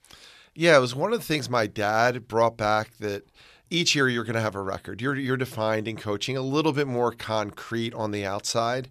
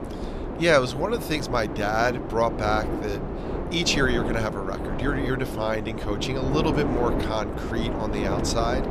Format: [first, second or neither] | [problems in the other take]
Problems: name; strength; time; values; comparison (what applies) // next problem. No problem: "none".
first | wind noise on the microphone; heavy; 6 dB below the speech